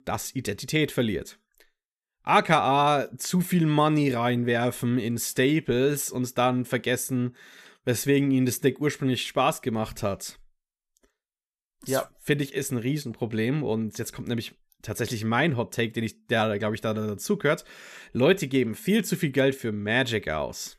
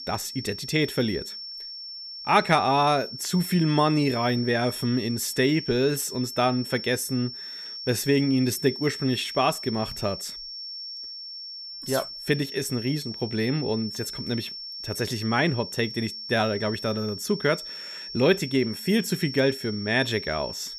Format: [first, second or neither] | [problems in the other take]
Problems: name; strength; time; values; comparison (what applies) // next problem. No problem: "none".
first | high-pitched whine; loud; throughout; 5.5 kHz, 9 dB below the speech